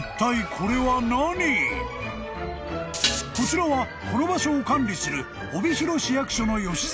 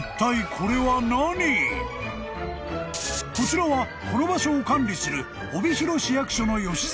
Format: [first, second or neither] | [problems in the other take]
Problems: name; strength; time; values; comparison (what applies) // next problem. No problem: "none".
second | background sound (Dishes, pots, and pans); 4 dB below the speech